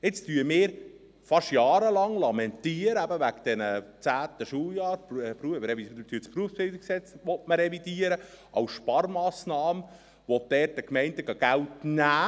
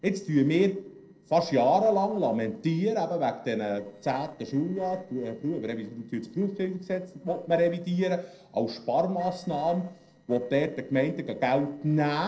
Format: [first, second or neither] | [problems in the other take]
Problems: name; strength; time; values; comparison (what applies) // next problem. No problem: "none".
first | noise reduction (neural separator model SepFormer DNS4)